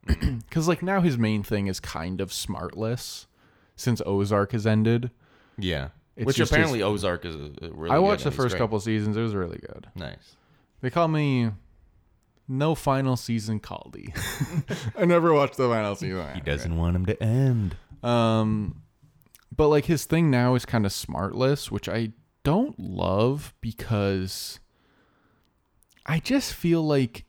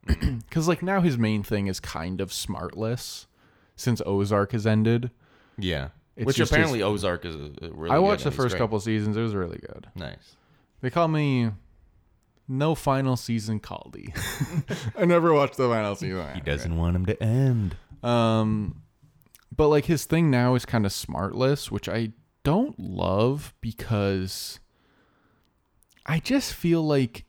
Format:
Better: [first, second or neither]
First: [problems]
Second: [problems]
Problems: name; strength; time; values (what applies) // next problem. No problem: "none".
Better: neither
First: none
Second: none